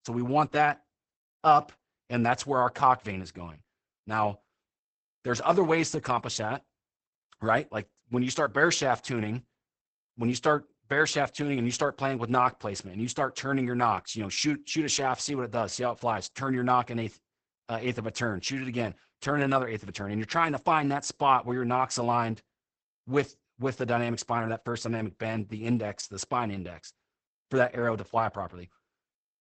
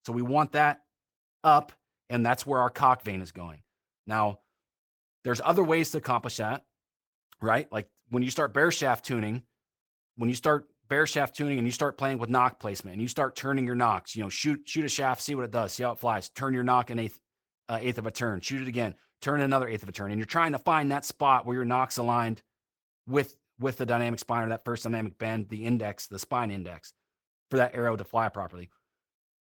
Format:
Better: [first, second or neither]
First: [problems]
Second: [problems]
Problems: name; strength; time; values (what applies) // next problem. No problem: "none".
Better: second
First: garbled, watery; badly; nothing above 8 kHz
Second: garbled, watery; slightly; nothing above 18 kHz